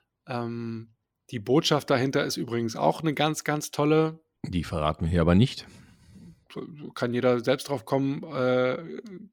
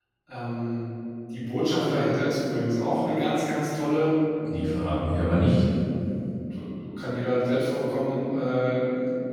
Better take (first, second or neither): first